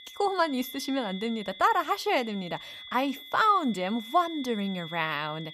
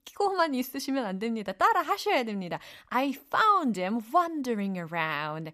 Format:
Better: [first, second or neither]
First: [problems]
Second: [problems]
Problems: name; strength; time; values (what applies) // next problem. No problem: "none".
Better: second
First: high-pitched whine; noticeable; throughout; 3.5 kHz, 15 dB below the speech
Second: none